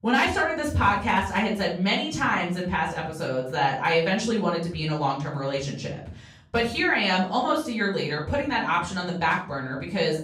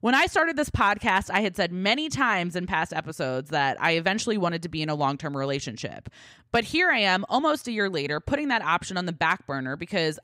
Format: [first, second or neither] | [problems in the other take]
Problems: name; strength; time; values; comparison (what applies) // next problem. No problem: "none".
second | off-mic speech; far // room echo; slight; dies away in 0.4 s